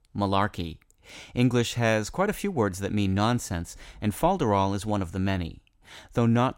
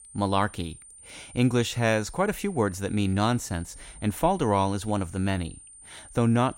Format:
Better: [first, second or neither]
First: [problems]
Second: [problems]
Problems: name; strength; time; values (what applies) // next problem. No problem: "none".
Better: first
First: none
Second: high-pitched whine; noticeable; throughout; 9 kHz, 20 dB below the speech